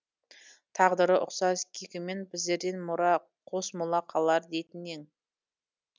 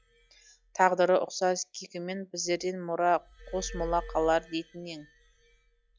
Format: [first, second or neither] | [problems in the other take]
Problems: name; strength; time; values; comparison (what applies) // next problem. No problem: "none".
first | noise reduction (classical method log-MMSE)